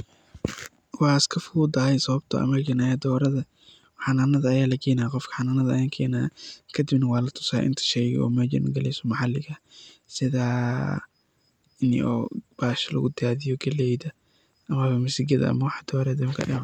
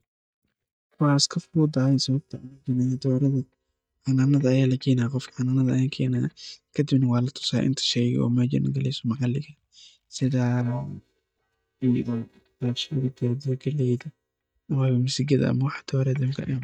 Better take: first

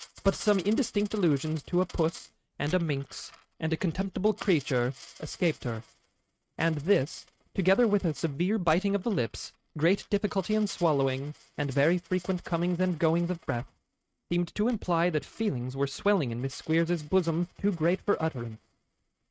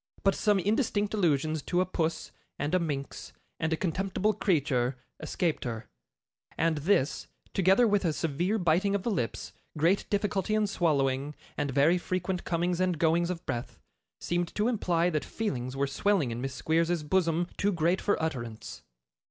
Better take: second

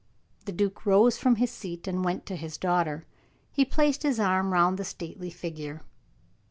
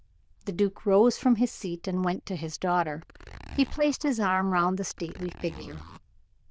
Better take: first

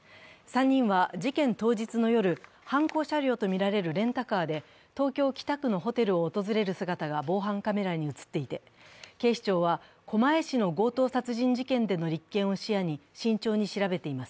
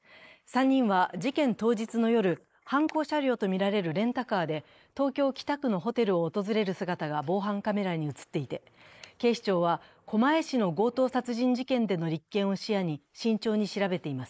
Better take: first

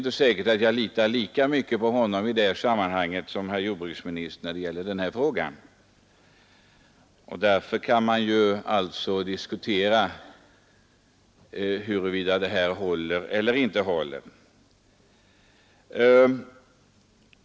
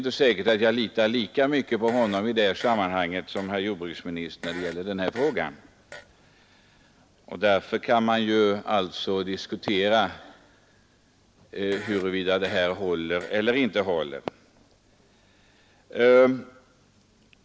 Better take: first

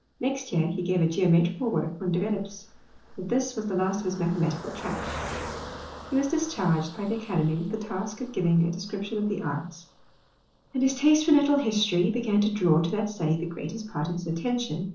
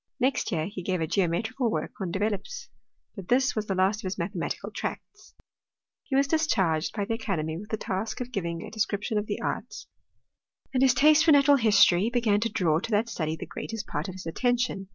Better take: second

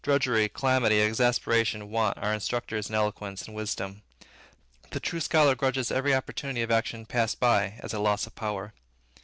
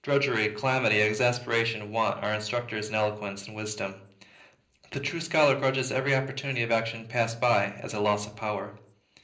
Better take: first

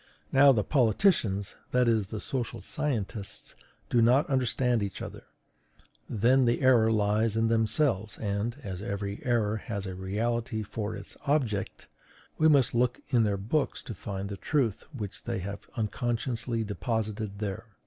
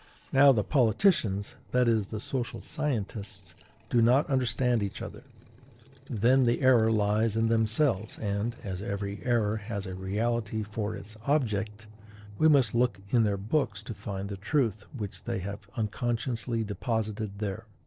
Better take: first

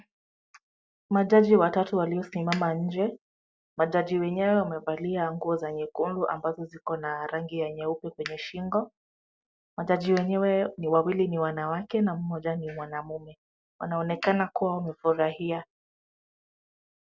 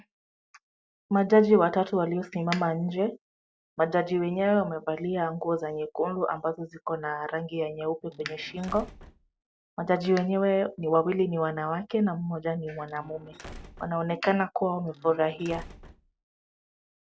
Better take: first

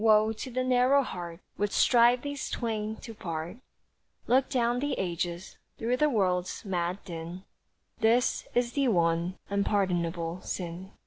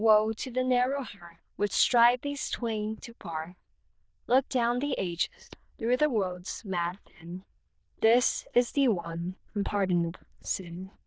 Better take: first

